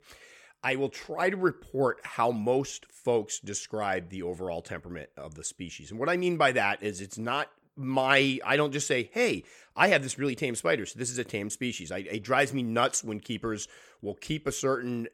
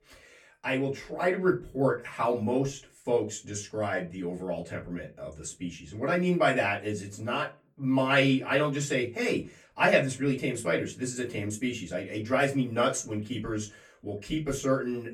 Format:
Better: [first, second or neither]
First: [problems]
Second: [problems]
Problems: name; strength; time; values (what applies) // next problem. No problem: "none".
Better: first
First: none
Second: off-mic speech; far // room echo; very slight; dies away in 0.2 s